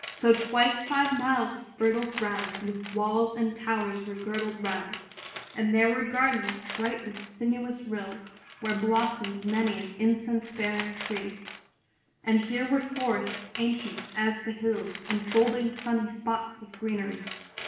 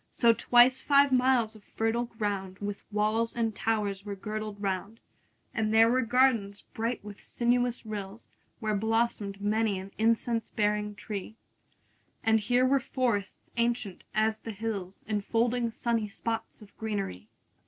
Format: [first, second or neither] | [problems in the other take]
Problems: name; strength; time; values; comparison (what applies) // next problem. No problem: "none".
second | background sound (Tools); 14 dB below the speech // room echo; dies away in 0.9 s